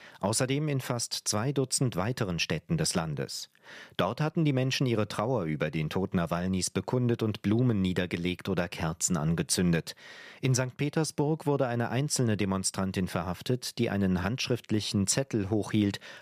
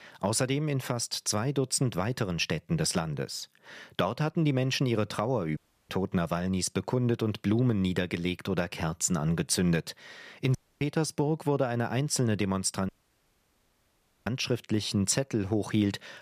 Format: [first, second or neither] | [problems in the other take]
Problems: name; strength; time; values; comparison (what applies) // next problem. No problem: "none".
first | audio cutting out; at 5.5 s, at 11 s and at 13 s for 1.5 s